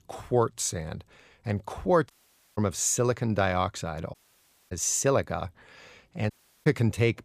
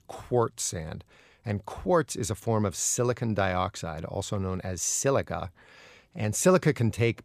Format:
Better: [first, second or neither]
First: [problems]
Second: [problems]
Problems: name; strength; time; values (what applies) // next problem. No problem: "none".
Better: second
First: audio cutting out; at 2 s, at 4 s for 0.5 s and at 6.5 s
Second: none